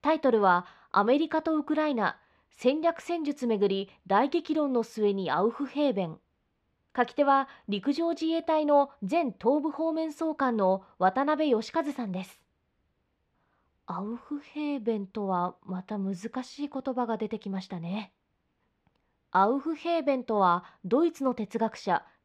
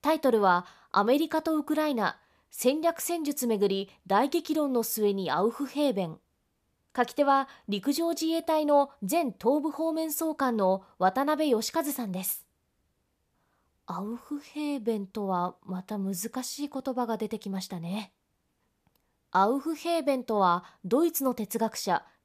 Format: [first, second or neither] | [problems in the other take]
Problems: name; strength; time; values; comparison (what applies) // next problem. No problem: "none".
second | muffled; slightly; fading above 3 kHz